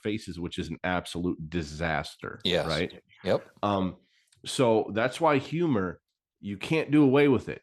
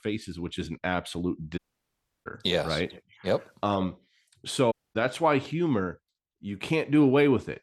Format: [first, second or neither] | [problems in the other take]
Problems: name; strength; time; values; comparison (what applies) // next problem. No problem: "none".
first | audio cutting out; at 1.5 s for 0.5 s and at 4.5 s